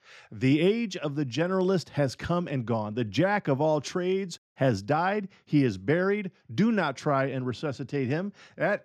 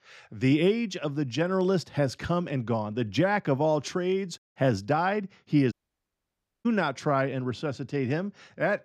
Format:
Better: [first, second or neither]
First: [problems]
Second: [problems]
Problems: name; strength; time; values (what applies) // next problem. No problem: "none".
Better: first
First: none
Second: audio cutting out; at 5.5 s for 1 s